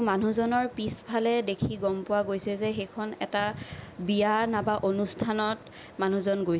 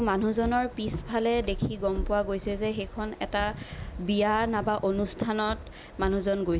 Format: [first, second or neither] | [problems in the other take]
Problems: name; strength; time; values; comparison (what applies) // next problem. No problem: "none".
first | background sound (Walk, footsteps); 11 dB below the speech